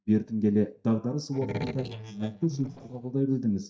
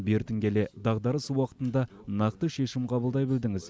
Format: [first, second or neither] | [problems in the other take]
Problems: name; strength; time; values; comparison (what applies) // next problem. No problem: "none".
second | noise reduction (neural mask model DeepFilterNet 3)